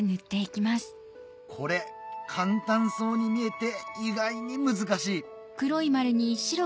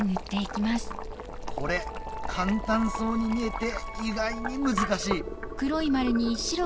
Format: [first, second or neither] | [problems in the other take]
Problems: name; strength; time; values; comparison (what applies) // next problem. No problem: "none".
first | background sound (Boiling); 6 dB below the speech